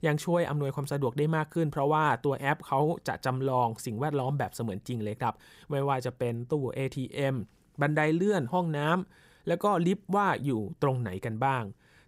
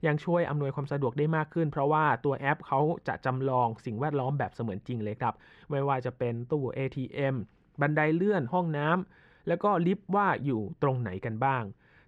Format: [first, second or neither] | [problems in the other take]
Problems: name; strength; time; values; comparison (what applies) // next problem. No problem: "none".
first | muffled; slightly; fading above 2.5 kHz